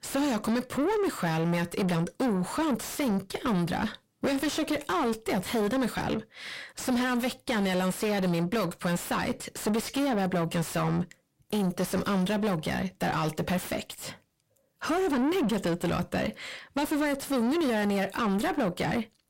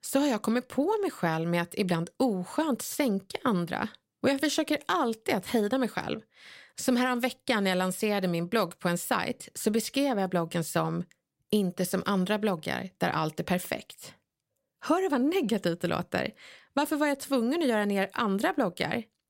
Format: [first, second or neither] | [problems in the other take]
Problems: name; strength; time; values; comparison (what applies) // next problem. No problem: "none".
second | distortion; heavy; 6 dB below the speech